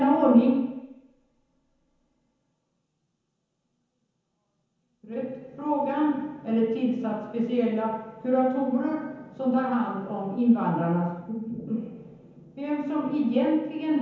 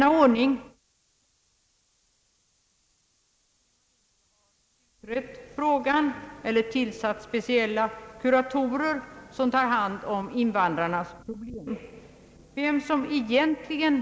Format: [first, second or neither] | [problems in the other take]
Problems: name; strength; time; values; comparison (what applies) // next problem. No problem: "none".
second | room echo; dies away in 0.9 s